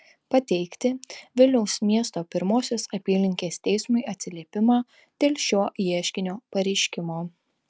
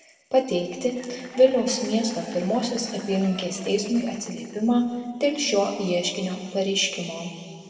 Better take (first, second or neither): first